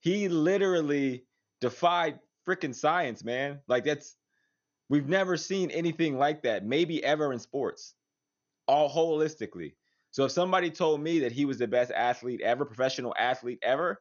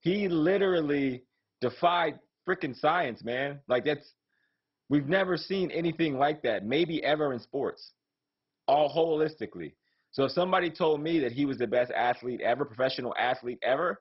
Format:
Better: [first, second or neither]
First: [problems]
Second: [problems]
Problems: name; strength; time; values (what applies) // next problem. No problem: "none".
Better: first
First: garbled, watery; slightly; nothing above 6.5 kHz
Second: garbled, watery; badly; nothing above 5.5 kHz